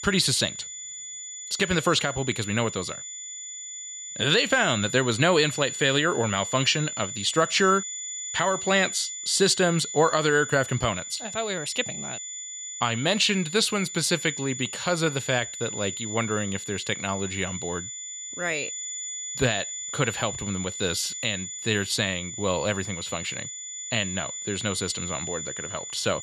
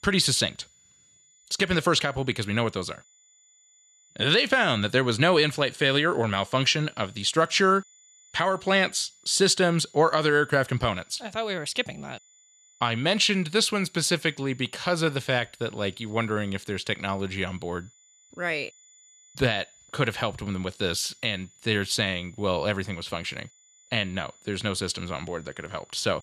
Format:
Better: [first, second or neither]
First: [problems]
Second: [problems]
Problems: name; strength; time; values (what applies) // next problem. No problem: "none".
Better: second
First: high-pitched whine; loud; throughout; 7 kHz, 8 dB below the speech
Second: high-pitched whine; faint; throughout; 7 kHz, 30 dB below the speech